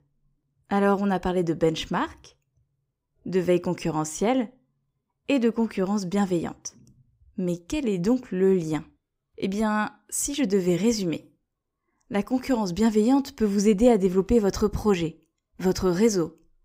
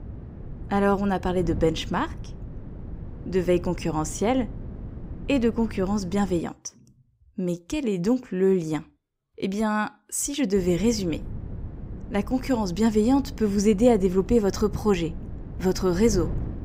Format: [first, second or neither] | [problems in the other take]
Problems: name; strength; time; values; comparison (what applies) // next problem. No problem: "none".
first | wind noise on the microphone; occasional gusts; until 6.5 s and from 11 s on; 20 dB below the speech